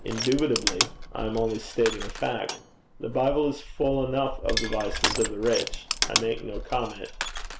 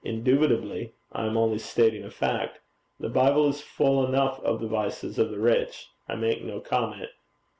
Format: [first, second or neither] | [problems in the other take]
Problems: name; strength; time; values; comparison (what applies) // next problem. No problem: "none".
second | background sound (Crushing); 3 dB below the speech